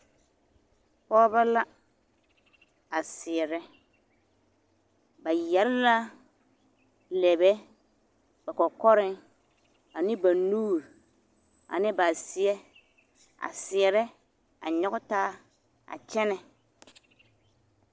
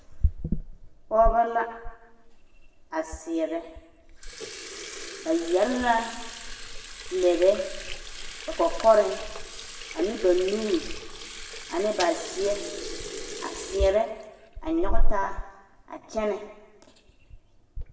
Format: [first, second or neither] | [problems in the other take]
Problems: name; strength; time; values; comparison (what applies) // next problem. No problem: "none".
first | background sound (Sink (filling or washing) / Water tap, faucet); 2 dB below the speech // room echo; dies away in 1 s